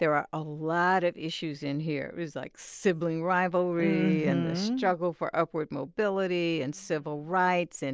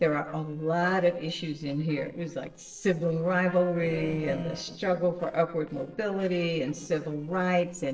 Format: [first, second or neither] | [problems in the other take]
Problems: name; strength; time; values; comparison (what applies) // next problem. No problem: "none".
first | noise reduction (neural separator model SepFormer DNS4)